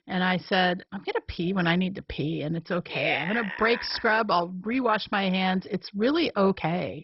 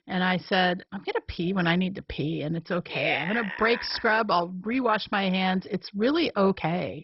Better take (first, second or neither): neither